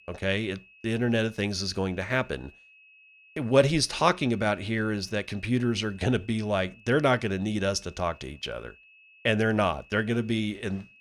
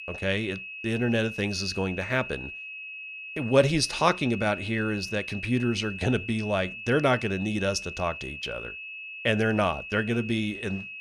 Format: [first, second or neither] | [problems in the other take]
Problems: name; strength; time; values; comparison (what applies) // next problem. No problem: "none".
first | high-pitched whine; loud; throughout; 2.5 kHz, 9 dB below the speech; faint in the first